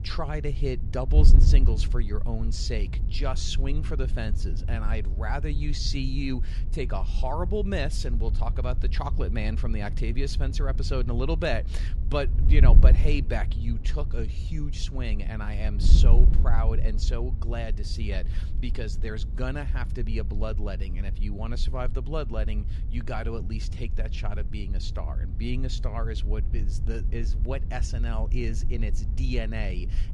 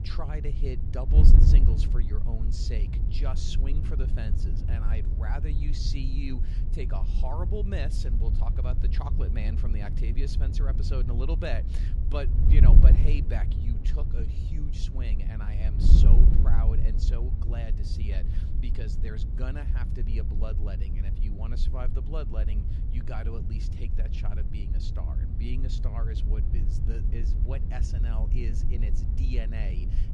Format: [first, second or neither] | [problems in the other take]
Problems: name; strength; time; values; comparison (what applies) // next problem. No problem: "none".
first | wind noise on the microphone; heavy; 2 dB below the speech; occasional gusts in the first